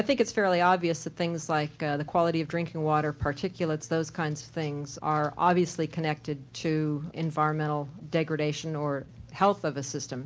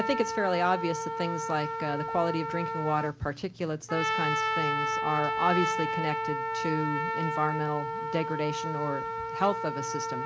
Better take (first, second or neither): first